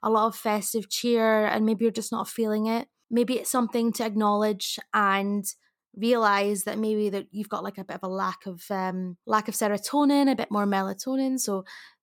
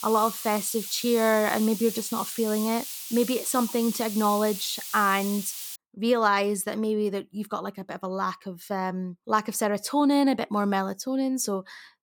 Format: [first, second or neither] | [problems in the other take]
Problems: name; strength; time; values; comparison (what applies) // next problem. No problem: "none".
first | hiss; loud; until 6 s; 8 dB below the speech